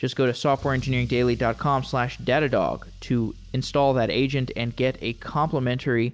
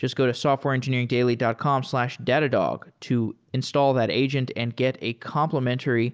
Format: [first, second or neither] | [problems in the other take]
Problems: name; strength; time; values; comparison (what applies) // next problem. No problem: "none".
second | background sound (Engine starting / Accelerating, revving, vroom / Car); 18 dB below the speech